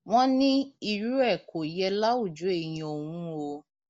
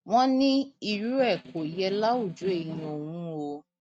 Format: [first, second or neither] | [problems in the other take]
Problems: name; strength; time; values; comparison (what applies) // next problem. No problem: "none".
first | noise reduction (neural mask model RNNoise)